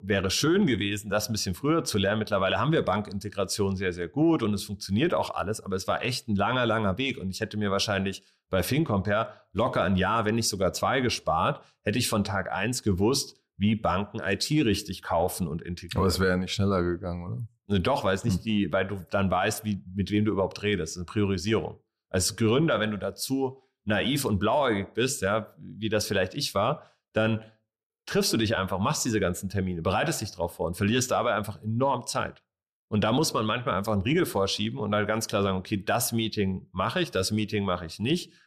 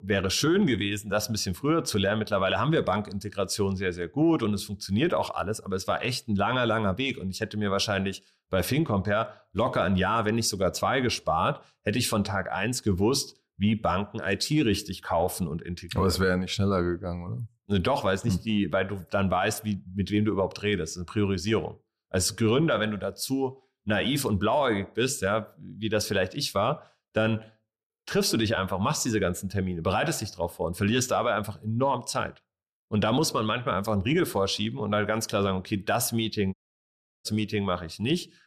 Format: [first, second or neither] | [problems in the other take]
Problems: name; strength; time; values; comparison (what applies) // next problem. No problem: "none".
first | audio cutting out; at 37 s for 0.5 s